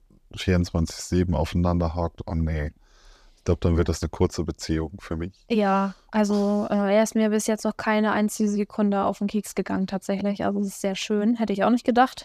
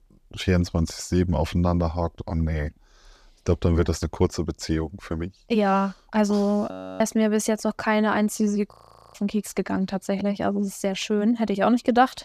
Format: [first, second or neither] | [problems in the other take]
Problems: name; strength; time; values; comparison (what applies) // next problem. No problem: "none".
first | audio freezing; at 6.5 s and at 8.5 s